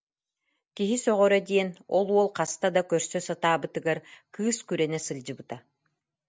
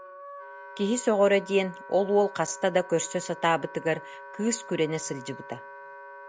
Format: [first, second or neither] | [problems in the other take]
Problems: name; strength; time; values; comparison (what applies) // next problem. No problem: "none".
first | background sound (Wind instrument, woodwind instrument); 16 dB below the speech